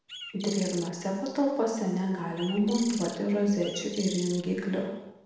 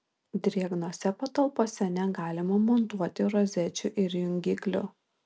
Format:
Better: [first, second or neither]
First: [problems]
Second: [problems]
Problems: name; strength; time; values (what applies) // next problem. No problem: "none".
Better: second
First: background sound (Bird); 12 dB below the speech // room echo; dies away in 0.9 s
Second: none